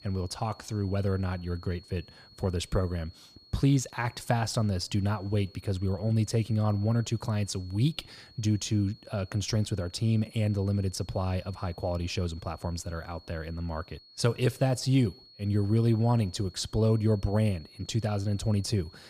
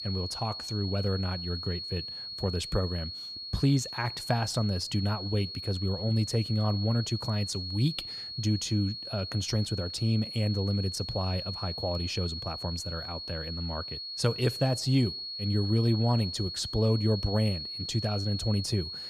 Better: first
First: high-pitched whine; faint; throughout; 4.5 kHz, 25 dB below the speech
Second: high-pitched whine; loud; throughout; 4.5 kHz, 6 dB below the speech

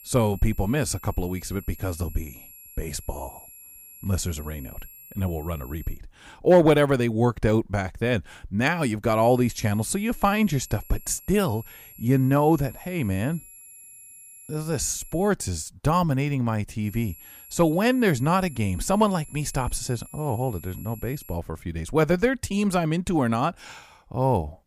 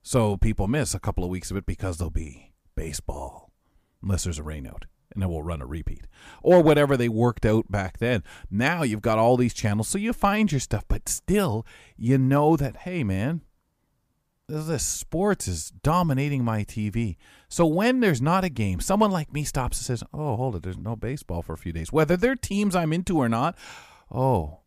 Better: second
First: high-pitched whine; noticeable; until 6 s, from 9 to 15 s and from 17 to 21 s; 11.5 kHz, 20 dB below the speech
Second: none

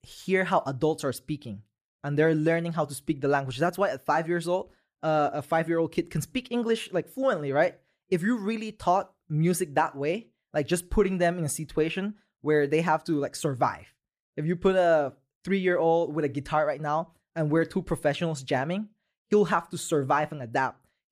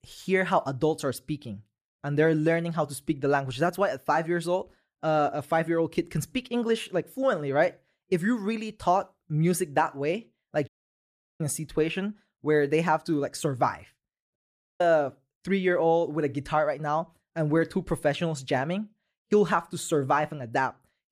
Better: first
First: none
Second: audio cutting out; at 11 s for 0.5 s and at 14 s

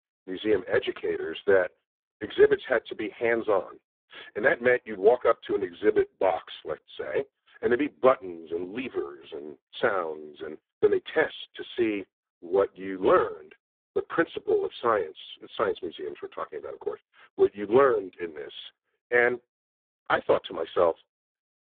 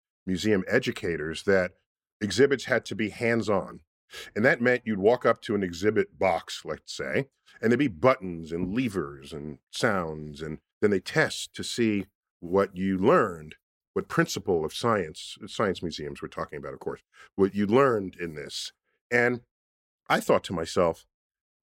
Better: second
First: phone-call audio; poor line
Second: none

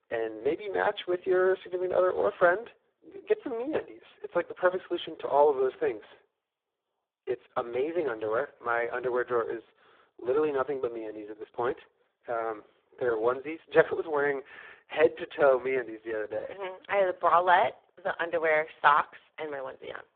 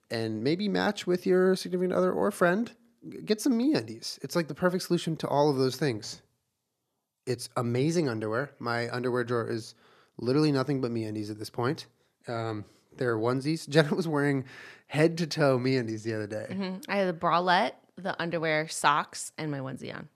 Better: second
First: phone-call audio; poor line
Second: none

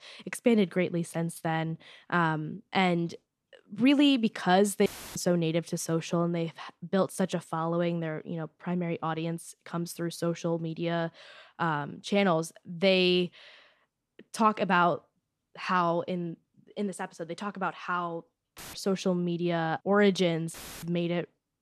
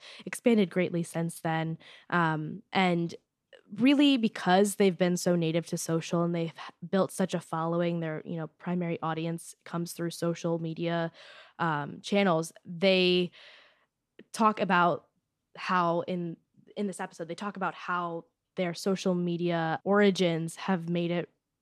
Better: second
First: audio cutting out; filled with static; at 5 s, at 19 s and at 21 s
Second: none

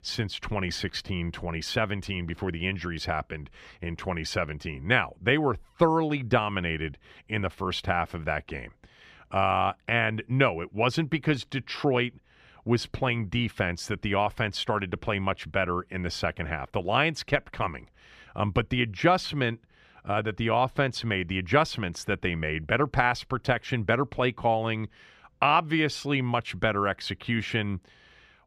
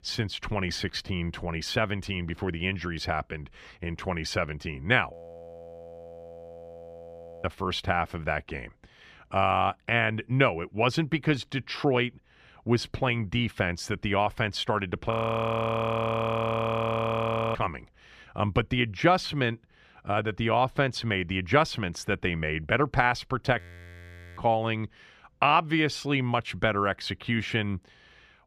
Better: first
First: none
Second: audio freezing; at 5 s for 2.5 s, at 15 s for 2.5 s and at 24 s for 1 s

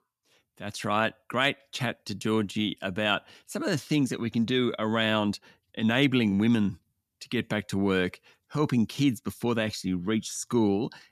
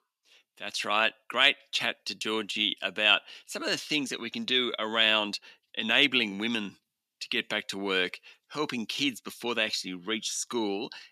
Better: first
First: none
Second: thin; somewhat; fading below 350 Hz

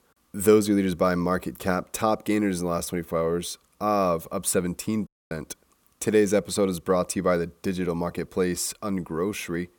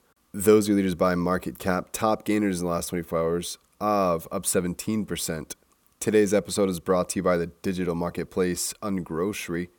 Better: second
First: audio cutting out; at 5 s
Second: none

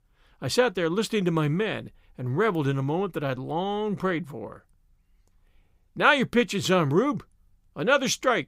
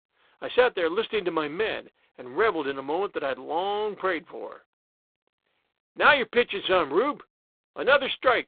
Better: first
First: none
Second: phone-call audio; poor line

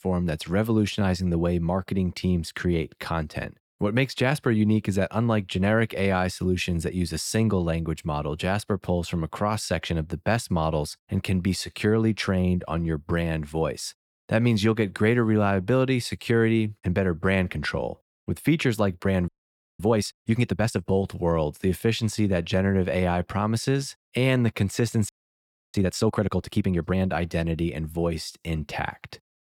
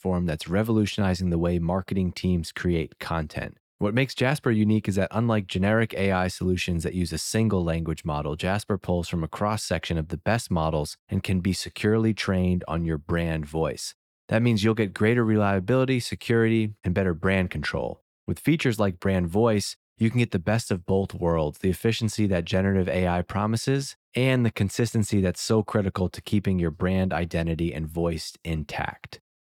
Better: second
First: audio freezing; at 19 s for 0.5 s and at 25 s for 0.5 s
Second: none

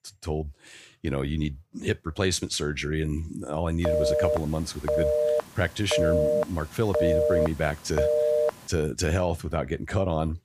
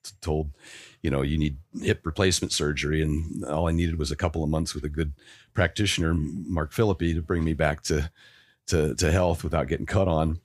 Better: second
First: phone ringing; loud; from 4 to 8.5 s; peak 6 dB above the speech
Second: none

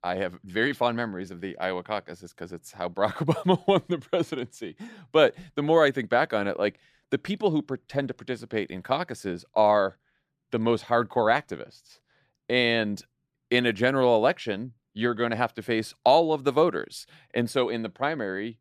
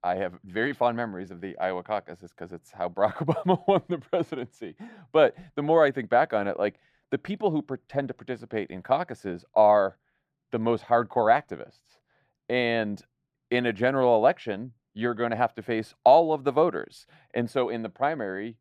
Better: first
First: none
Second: muffled; slightly; fading above 3 kHz

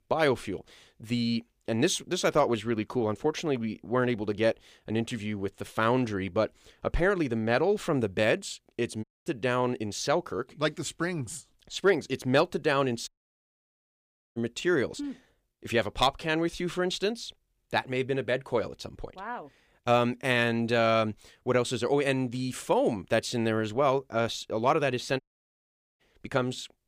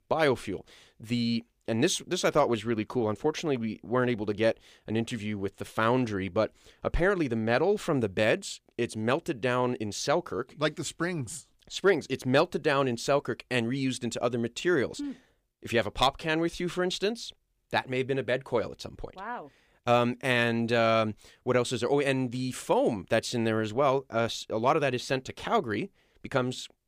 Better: second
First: audio cutting out; at 9 s, at 13 s for 1.5 s and at 25 s for 1 s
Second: none

